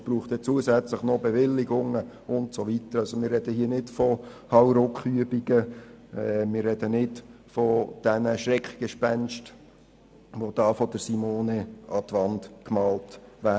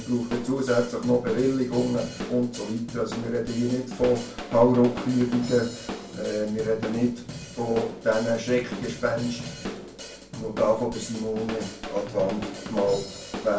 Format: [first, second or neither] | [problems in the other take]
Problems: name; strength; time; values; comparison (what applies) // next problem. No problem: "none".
first | background sound (Drum / Drum kit); 11 dB below the speech // room echo; dies away in 0.3 s